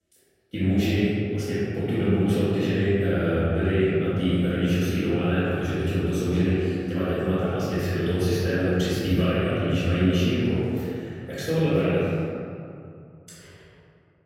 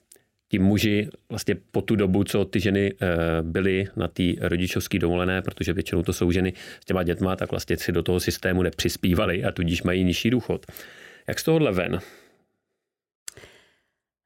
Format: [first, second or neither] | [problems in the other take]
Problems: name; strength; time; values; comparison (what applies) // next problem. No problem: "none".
second | off-mic speech; far // room echo; strong; dies away in 2.5 s